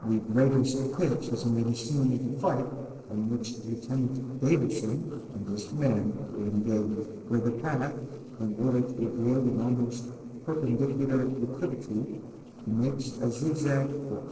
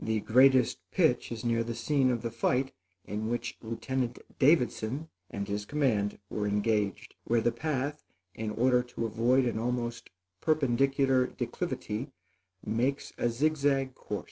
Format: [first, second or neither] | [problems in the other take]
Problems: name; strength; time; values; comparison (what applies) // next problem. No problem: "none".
second | noise reduction (neural separator model SepFormer DNS4)